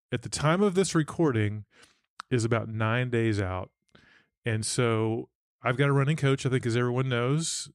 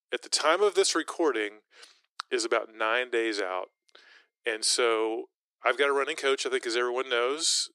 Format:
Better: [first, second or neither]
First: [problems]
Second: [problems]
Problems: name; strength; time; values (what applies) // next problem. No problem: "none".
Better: first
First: none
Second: thin; very; fading below 350 Hz